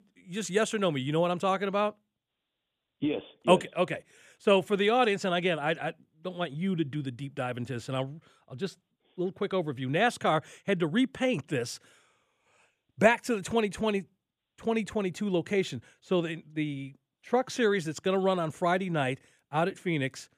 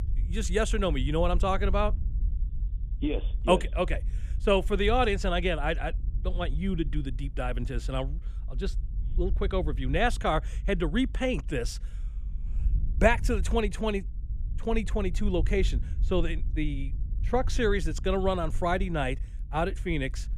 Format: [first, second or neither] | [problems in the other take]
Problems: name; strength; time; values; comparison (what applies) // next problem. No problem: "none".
first | low rumble; faint; throughout; 25 dB below the speech